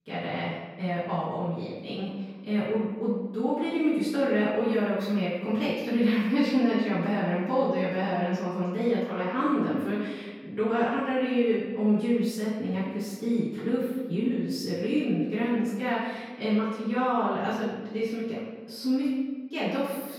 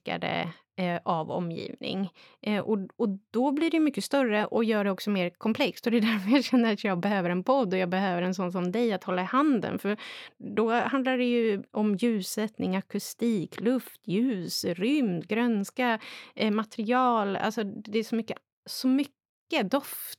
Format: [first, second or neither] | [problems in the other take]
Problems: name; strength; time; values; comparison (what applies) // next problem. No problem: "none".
second | room echo; strong; dies away in 1.2 s // off-mic speech; far